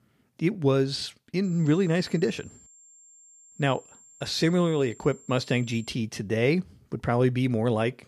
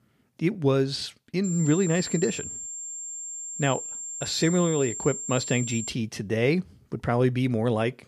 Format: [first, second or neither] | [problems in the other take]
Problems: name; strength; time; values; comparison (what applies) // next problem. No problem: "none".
first | high-pitched whine; loud; from 1.5 to 6 s; 7.5 kHz, 7 dB below the speech; faint in the first